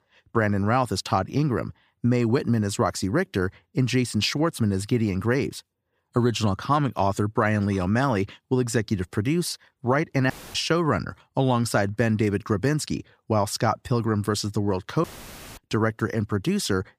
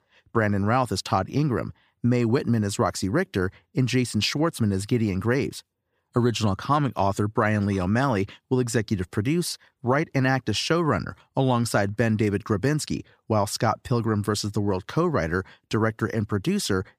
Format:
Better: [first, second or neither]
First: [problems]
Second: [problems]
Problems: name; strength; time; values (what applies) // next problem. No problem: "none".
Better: second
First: audio cutting out; filled with static; at 10 s and at 15 s for 0.5 s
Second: none